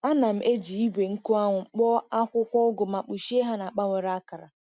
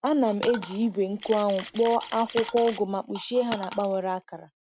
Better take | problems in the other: first | background sound (Camera + Coin (dropping)); 14 dB below the speech

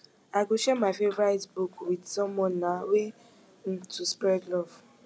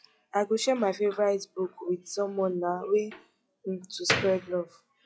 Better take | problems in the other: first | noise reduction (classical method log-MMSE)

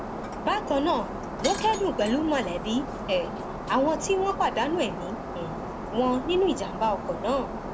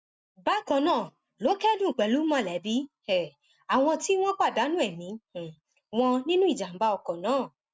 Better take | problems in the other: second | background sound (Shatter); 6 dB below the speech

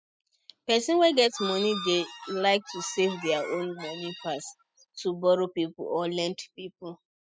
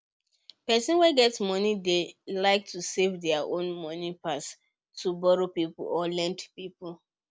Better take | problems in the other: second | noise reduction (classical method spectral subtraction)

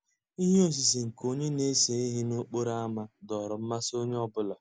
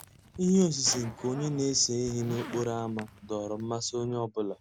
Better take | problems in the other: first | background sound (Zipper (clothing)); 16 dB below the speech

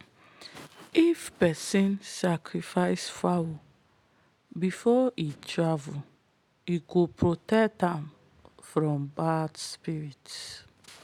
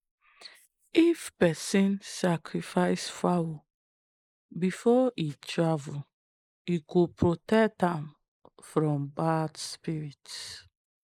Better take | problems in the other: first | noise reduction (neural mask model Resemble Enhance denoiser)

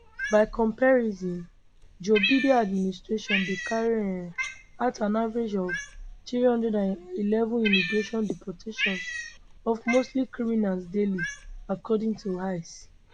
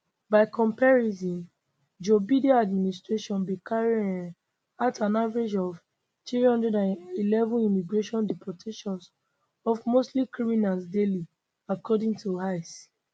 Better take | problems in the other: second | background sound (Cat); 9 dB below the speech

